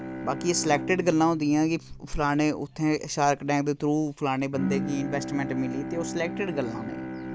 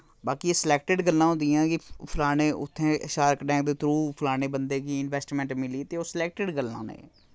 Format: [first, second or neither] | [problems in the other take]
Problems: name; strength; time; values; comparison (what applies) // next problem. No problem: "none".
second | background sound (Bowed string instrument); 9 dB below the speech